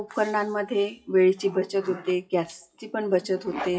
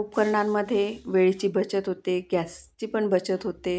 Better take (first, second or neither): second